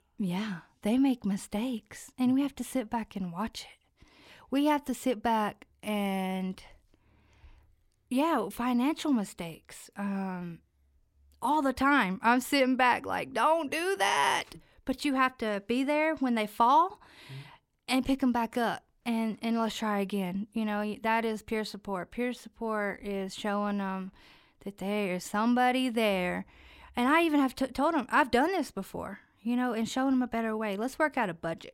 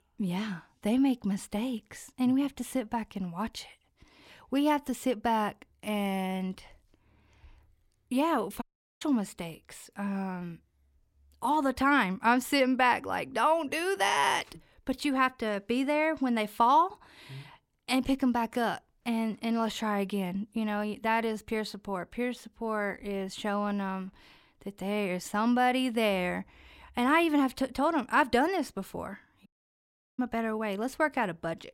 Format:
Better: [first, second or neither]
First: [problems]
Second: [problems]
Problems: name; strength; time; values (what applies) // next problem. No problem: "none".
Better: first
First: none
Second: audio cutting out; at 8.5 s and at 29 s for 0.5 s